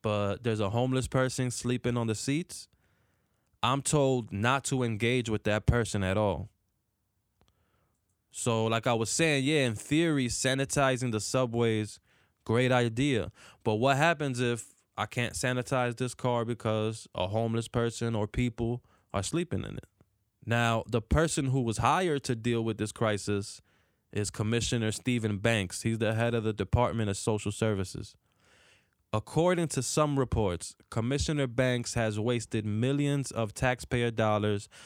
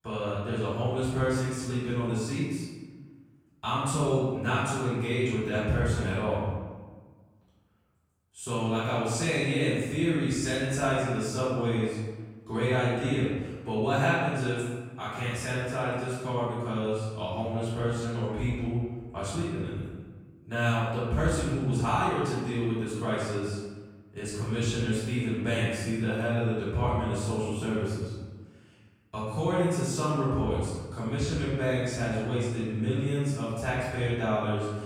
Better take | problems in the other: first | off-mic speech; far // room echo; strong; dies away in 1.2 s

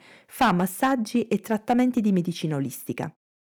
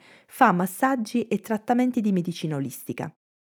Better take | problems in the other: second | distortion; slight; 1.9% of the sound clipped

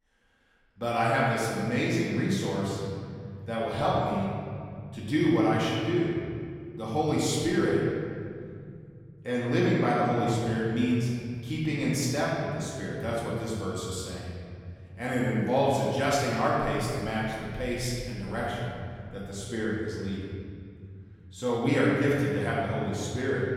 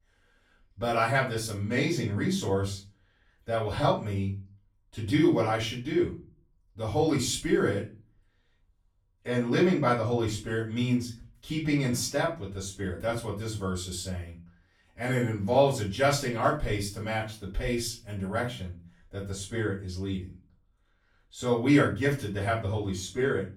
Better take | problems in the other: second | room echo; strong; dies away in 2.9 s; slight in the second // off-mic speech; far; far in the second

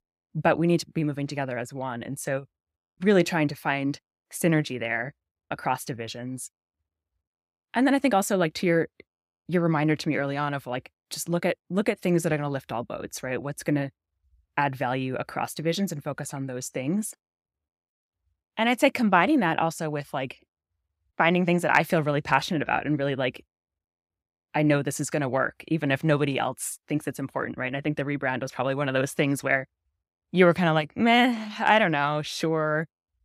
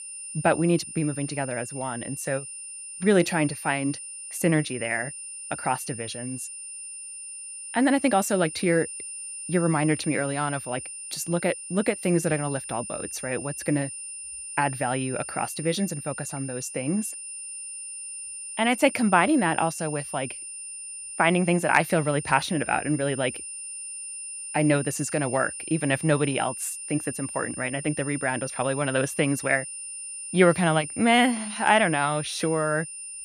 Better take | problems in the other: first | high-pitched whine; loud; throughout; 9 kHz, 9 dB below the speech

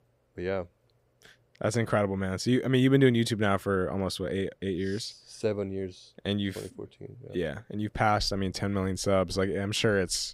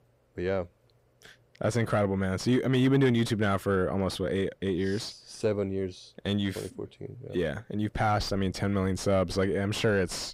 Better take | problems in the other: first | distortion; slight; 10 dB below the speech

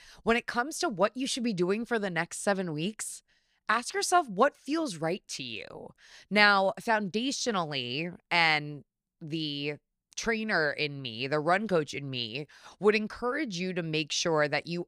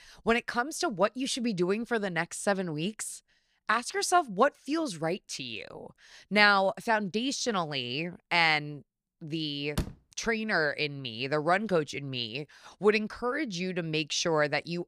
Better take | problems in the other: first | door banging; noticeable; at 10 s; peak 8 dB below the speech

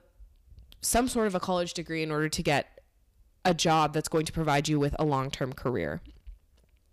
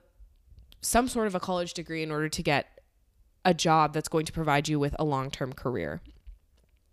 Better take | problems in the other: second | distortion; slight; 2% of the sound clipped

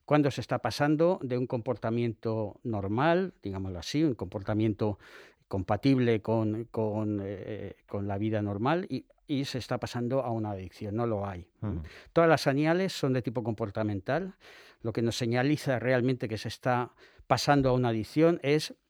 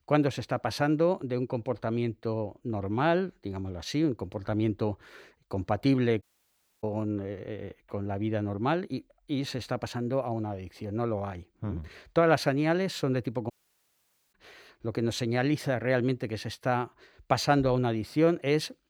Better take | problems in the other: first | audio cutting out; at 6 s for 0.5 s and at 14 s for 1 s

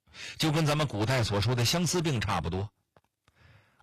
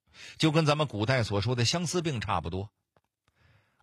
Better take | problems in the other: second | distortion; heavy; 19% of the sound clipped

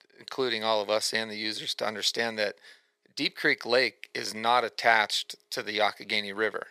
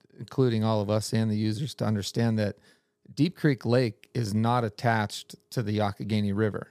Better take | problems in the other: second | thin; very; fading below 600 Hz

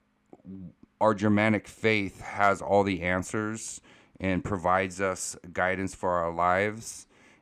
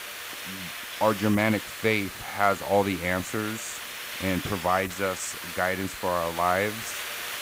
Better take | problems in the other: first | hiss; loud; throughout; 8 dB below the speech

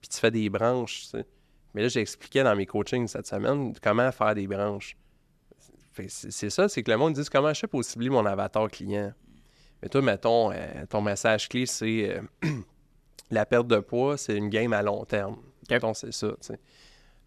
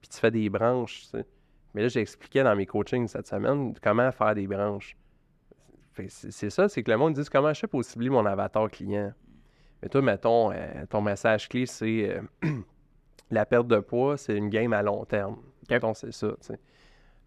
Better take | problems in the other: first | muffled; slightly; fading above 3 kHz

